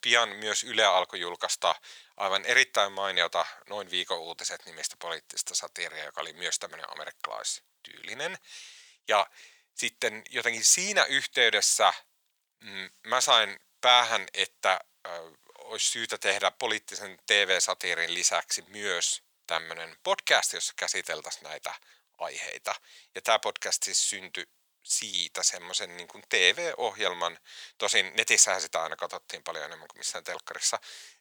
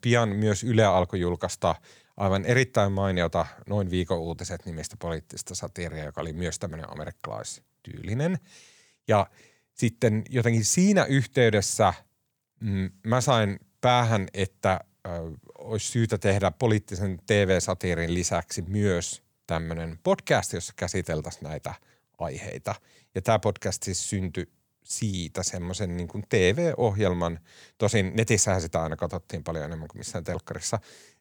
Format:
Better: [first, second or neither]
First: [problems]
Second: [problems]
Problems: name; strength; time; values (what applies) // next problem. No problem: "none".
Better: second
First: thin; very; fading below 900 Hz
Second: none